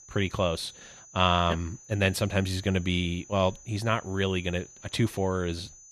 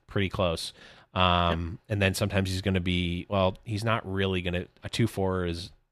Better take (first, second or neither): second